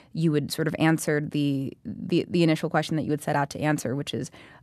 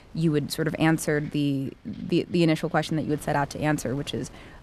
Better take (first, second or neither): first